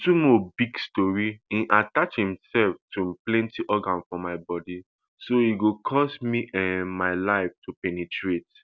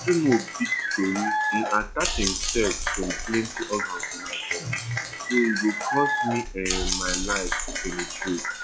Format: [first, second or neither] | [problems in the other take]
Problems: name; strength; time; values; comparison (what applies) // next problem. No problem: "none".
first | noise reduction (classical method log-MMSE)